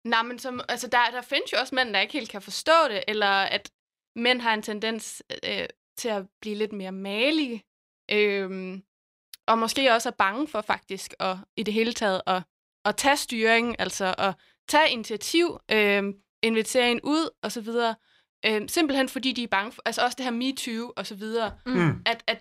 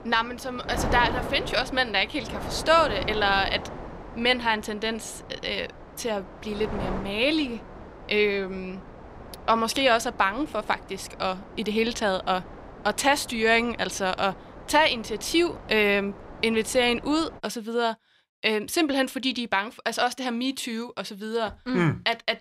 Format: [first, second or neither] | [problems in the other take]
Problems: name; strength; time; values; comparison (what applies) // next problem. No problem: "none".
first | wind noise on the microphone; occasional gusts; until 17 s; 15 dB below the speech